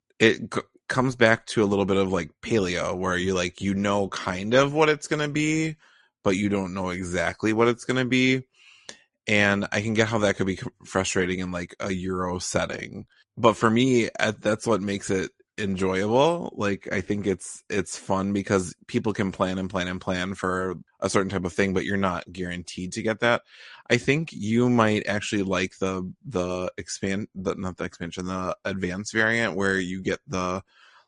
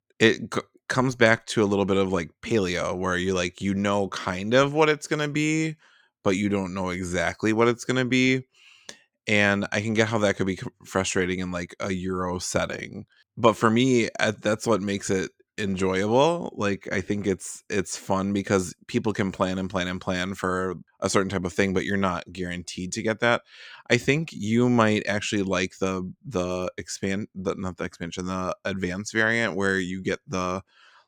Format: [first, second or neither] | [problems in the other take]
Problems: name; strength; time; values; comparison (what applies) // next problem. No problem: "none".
second | garbled, watery; slightly; nothing above 10 kHz